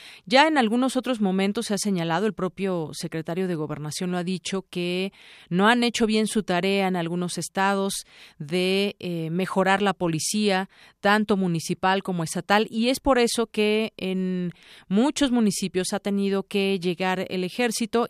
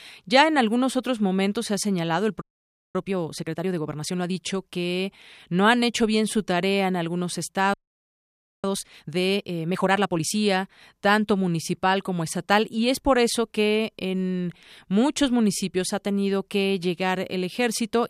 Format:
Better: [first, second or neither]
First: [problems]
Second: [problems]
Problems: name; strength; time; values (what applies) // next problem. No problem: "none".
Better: first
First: none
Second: audio freezing; at 2.5 s for 0.5 s and at 7.5 s for 1 s